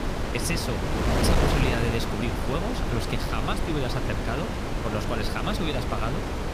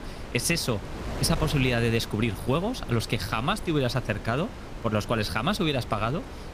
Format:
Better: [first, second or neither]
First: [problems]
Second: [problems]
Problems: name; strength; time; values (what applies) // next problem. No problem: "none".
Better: second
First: wind noise on the microphone; heavy; 1 dB above the speech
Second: wind noise on the microphone; occasional gusts; 10 dB below the speech